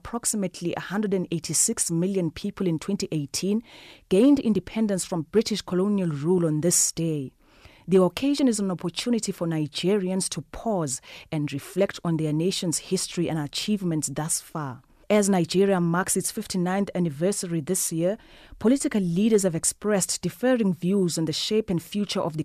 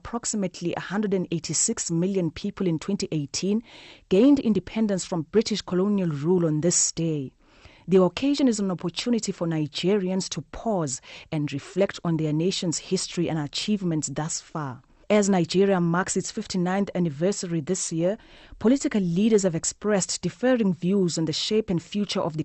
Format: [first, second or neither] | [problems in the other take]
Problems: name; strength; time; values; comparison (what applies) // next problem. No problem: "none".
first | garbled, watery; slightly; nothing above 8 kHz